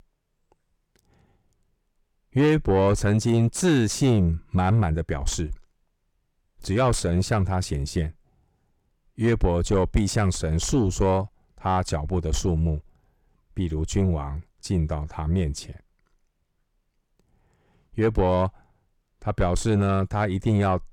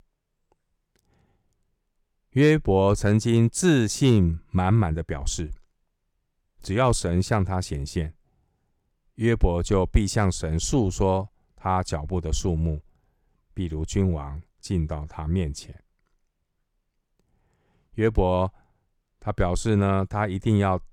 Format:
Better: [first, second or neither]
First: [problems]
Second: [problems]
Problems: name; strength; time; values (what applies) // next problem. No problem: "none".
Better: second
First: distortion; slight; 10 dB below the speech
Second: none